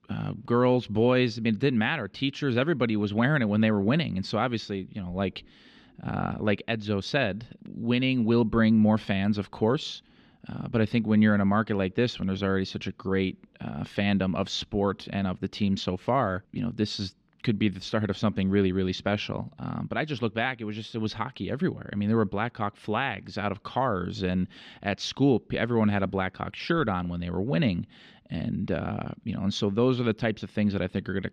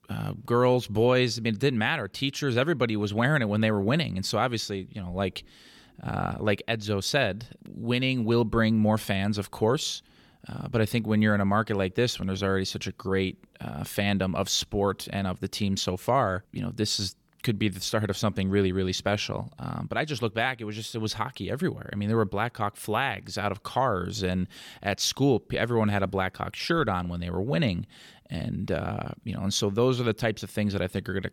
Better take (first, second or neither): second